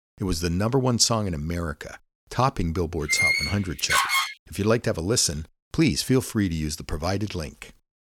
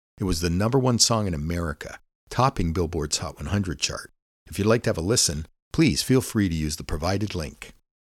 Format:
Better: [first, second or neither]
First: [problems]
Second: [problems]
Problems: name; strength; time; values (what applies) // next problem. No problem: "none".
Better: second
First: door banging; loud; from 3 to 4.5 s; peak 5 dB above the speech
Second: none